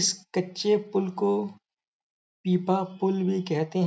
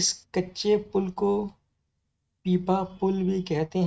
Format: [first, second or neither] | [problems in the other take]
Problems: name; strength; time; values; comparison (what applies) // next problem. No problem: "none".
first | noise reduction (neural mask model RNNoise)